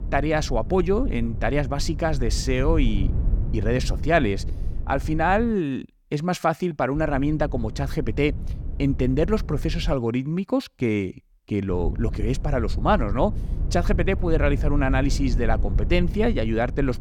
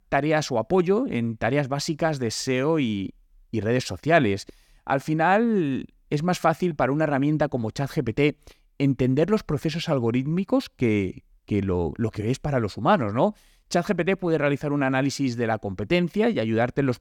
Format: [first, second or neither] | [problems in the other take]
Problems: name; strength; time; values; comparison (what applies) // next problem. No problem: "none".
second | low rumble; noticeable; until 5.5 s, from 7 to 10 s and from 12 s on; 20 dB below the speech